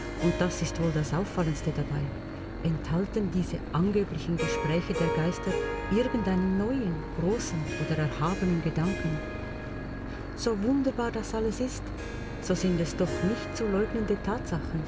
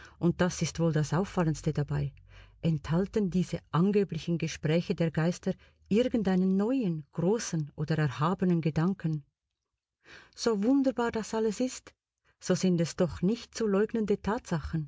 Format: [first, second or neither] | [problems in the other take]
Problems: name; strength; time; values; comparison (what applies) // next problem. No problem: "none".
second | background sound (Harp + Engine / Boat, Water vehicle); 5 dB below the speech